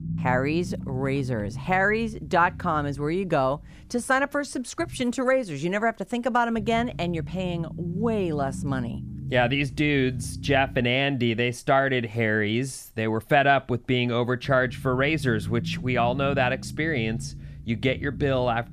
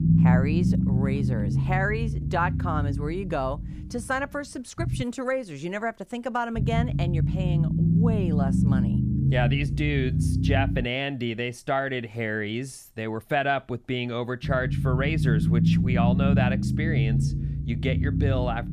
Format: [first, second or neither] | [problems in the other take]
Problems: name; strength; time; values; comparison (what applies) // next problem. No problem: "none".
first | low rumble; loud; until 5 s, from 6.5 to 11 s and from 14 s on; 5 dB below the speech; faint in the first